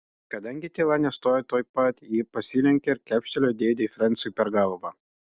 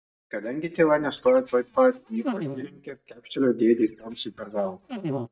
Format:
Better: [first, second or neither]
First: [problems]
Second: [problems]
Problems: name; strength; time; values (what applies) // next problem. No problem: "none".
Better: first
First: none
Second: noise reduction (neural mask model DeepFilterNet 3)